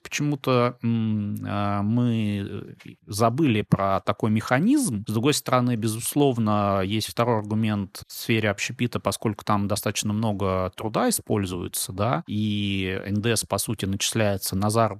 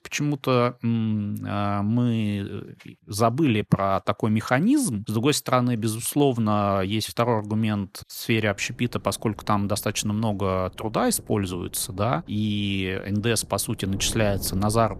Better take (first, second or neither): first